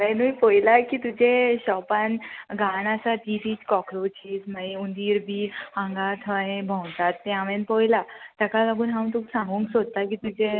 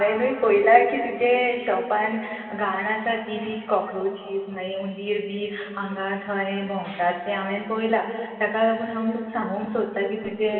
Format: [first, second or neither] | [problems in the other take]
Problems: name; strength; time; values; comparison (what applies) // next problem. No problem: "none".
first | room echo; dies away in 2.5 s